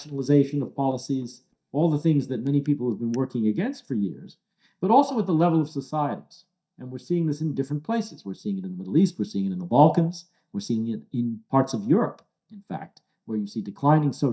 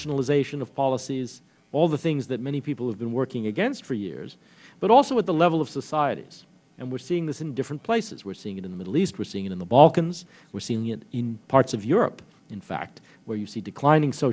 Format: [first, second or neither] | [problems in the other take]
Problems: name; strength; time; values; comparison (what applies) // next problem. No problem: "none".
second | noise reduction (neural mask model DeepFilterNet 3)